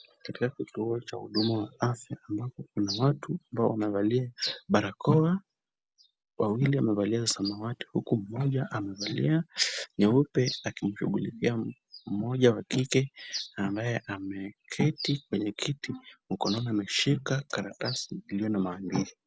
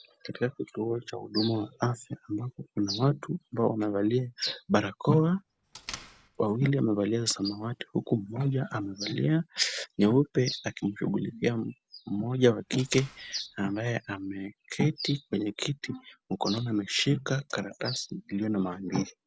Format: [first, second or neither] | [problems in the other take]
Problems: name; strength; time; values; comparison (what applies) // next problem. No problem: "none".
first | background sound (Door); 18 dB below the speech